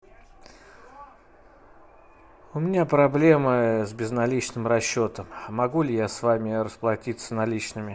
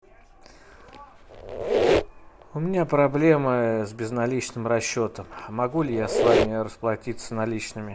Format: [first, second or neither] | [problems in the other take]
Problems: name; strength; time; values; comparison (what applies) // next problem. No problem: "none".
first | background sound (Squeak); 2 dB below the speech